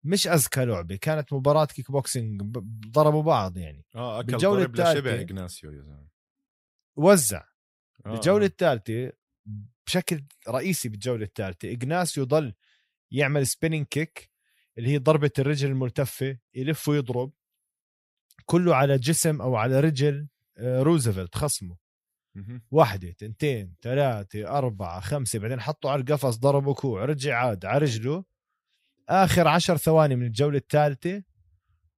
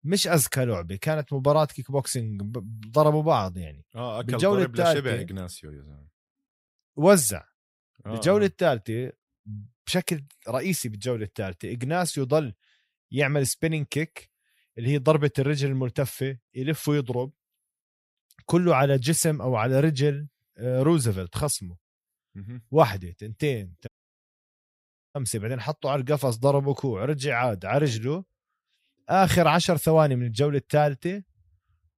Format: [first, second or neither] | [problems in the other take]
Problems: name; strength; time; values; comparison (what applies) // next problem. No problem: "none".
first | audio cutting out; at 24 s for 1.5 s